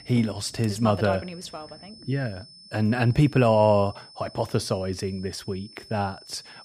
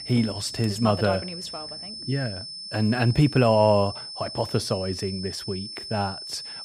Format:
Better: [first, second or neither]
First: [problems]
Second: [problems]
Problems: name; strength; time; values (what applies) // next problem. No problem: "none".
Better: first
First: high-pitched whine; faint; throughout; 5.5 kHz, 20 dB below the speech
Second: high-pitched whine; loud; throughout; 5.5 kHz, 10 dB below the speech